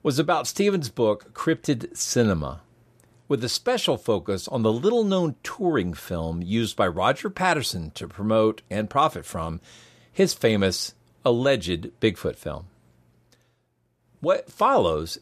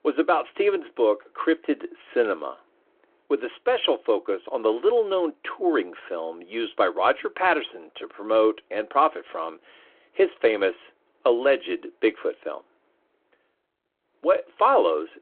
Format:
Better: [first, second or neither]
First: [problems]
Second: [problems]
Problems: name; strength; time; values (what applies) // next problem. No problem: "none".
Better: first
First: none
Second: phone-call audio